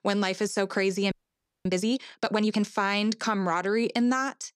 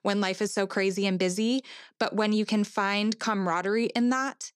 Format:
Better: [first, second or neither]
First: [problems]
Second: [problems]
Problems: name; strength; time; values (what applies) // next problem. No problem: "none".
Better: second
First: audio freezing; at 1 s for 0.5 s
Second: none